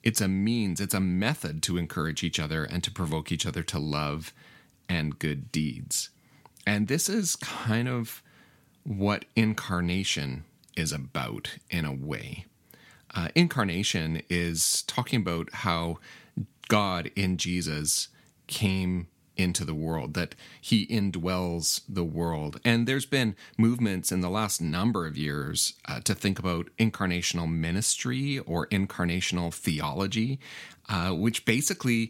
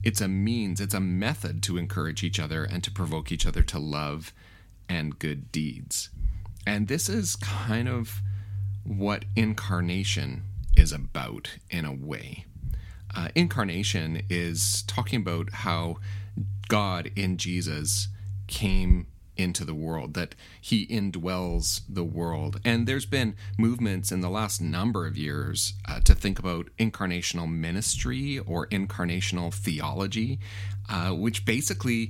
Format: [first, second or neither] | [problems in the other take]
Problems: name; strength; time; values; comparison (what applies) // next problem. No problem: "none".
first | low rumble; noticeable; throughout; 20 dB below the speech